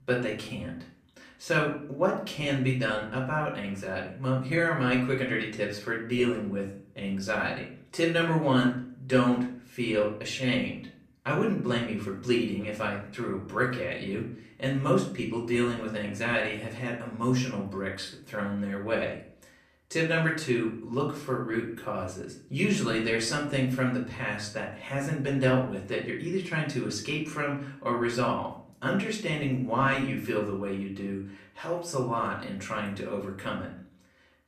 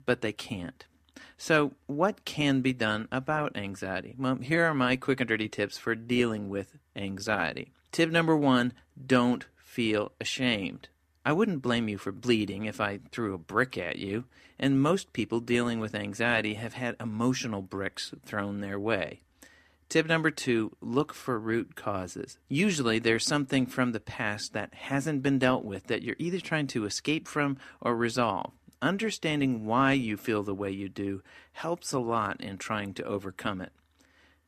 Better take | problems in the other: second | off-mic speech; far // room echo; slight; dies away in 0.5 s

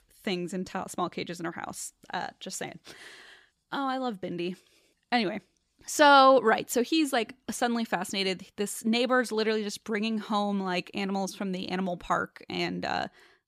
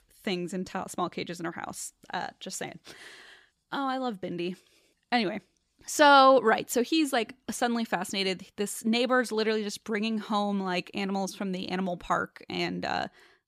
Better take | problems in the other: neither | none

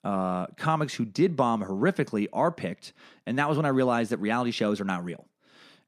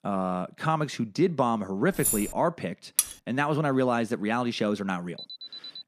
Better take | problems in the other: first | jangling keys; loud; at 2 s; peak 1 dB above the speech // clattering dishes; very faint; at 3 s; peak 1 dB above the speech // alarm; faint; at 5 s; peak 10 dB below the speech

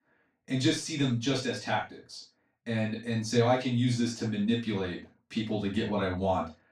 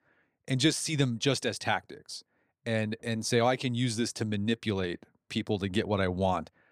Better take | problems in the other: second | room echo; noticeable; dies away in 0.2 s // off-mic speech; far

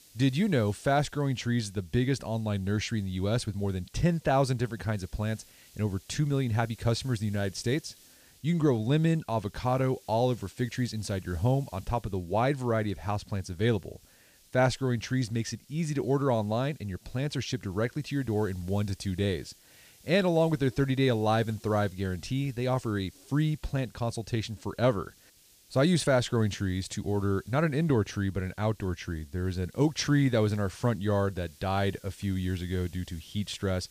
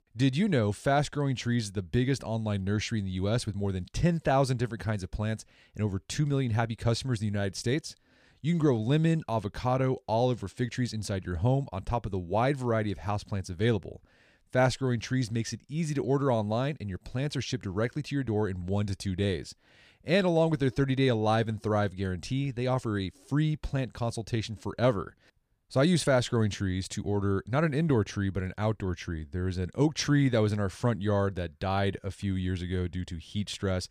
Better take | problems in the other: second | hiss; faint; throughout; 25 dB below the speech

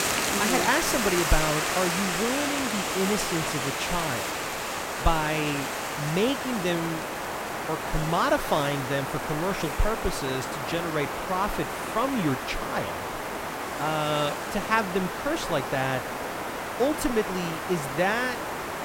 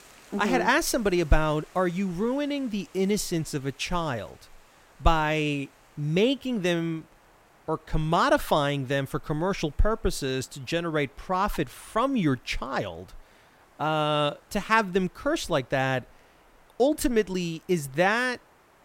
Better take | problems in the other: second | hiss; loud; throughout; 1 dB below the speech; faint in the second

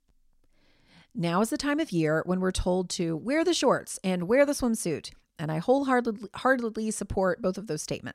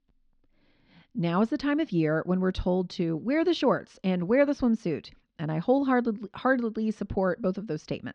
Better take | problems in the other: first | muffled; slightly; fading above 4 kHz

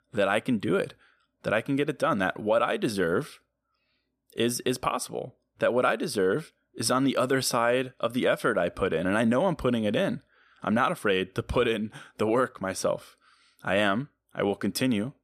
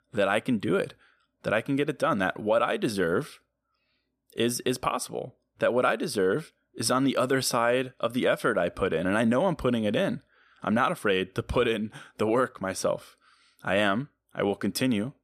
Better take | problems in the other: neither | none

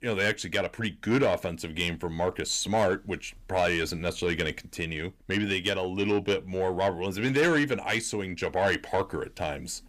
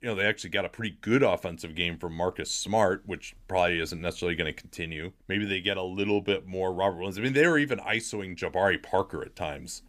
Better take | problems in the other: second | distortion; slight; 10 dB below the speech

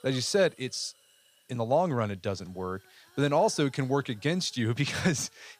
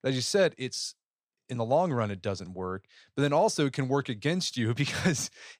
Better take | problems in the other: second | hiss; faint; throughout; 30 dB below the speech

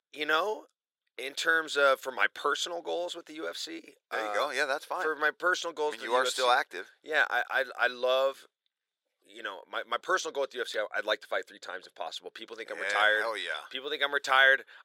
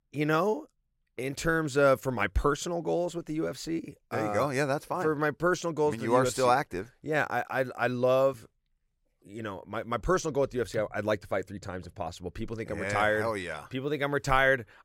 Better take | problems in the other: second | thin; very; fading below 450 Hz

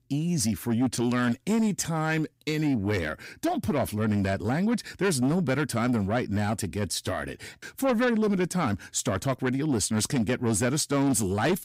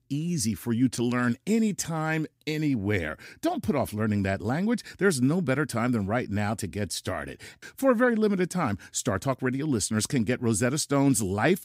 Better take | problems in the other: second | distortion; slight; 10 dB below the speech

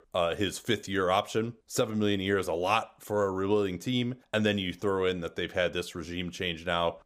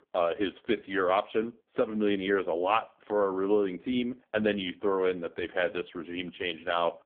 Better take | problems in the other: first | phone-call audio; poor line; nothing above 3.5 kHz

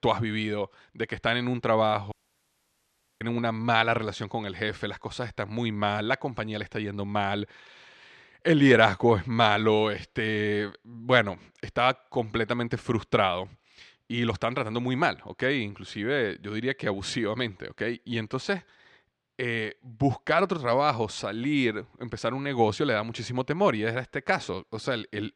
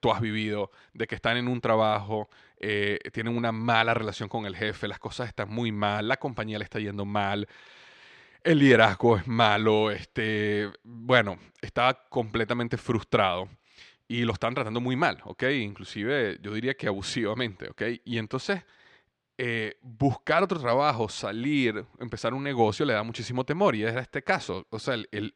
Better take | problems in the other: second | audio cutting out; at 2 s for 1 s

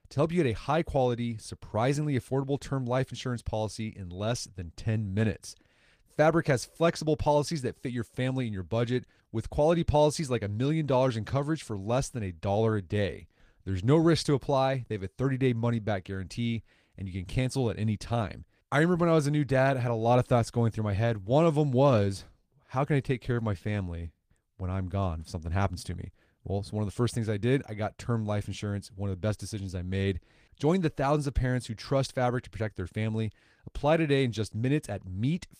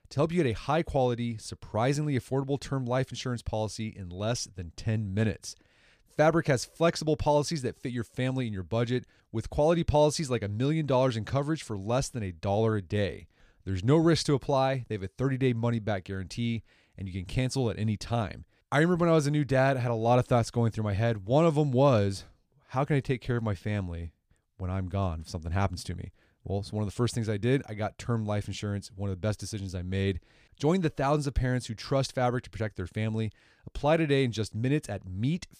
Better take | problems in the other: second | garbled, watery; slightly; nothing above 15 kHz

